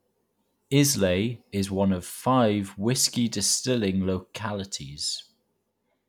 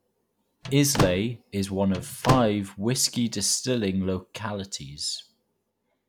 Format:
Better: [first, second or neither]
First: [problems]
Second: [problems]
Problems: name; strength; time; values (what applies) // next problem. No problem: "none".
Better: first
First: none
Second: background sound (Slam / Microwave oven); 2 dB below the speech